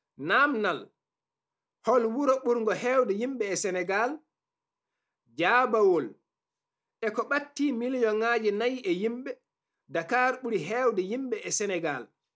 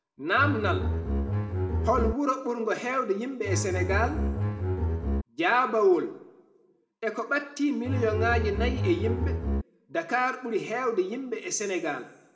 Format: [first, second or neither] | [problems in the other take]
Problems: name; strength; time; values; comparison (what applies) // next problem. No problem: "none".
first | background sound (Bowed string instrument); 1 dB above the speech // room echo; dies away in 0.7 s